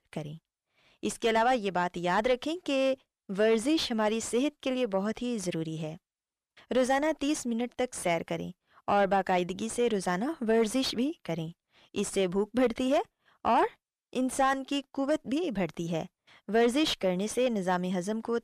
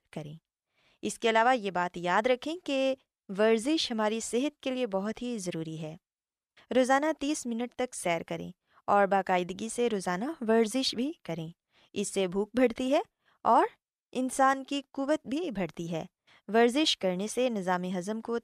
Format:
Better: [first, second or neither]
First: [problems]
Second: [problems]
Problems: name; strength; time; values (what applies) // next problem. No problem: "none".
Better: second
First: distortion; slight; 10 dB below the speech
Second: none